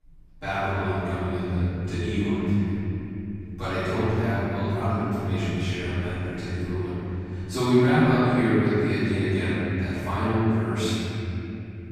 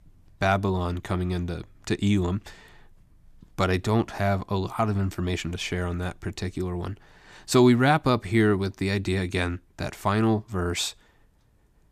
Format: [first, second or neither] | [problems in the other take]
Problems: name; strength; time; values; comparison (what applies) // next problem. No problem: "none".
second | room echo; strong; dies away in 3 s // off-mic speech; far